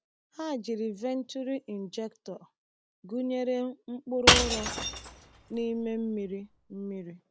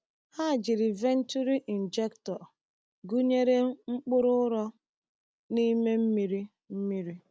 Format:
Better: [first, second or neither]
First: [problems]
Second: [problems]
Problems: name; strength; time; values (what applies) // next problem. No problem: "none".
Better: second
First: background sound (Shatter / Crushing); 5 dB above the speech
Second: none